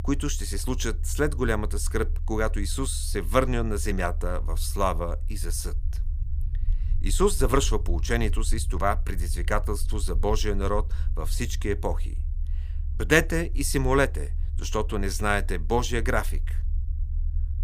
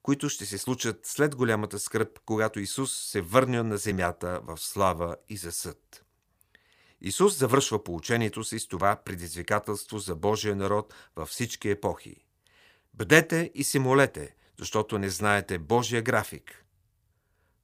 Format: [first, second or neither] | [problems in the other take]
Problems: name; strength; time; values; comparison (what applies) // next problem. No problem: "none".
second | low rumble; faint; throughout; 25 dB below the speech